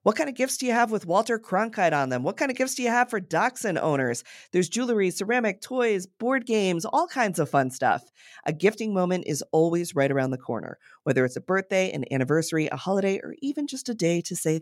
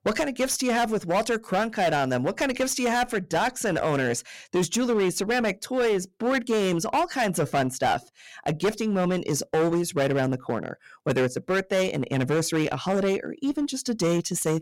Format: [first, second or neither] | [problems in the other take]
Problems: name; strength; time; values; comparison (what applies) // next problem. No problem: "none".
first | distortion; heavy; 14% of the sound clipped